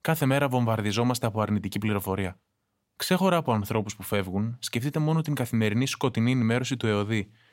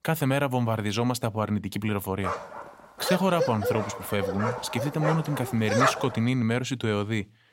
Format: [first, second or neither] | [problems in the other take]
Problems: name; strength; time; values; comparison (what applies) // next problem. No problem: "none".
first | dog barking; loud; from 2 to 6 s; peak 3 dB above the speech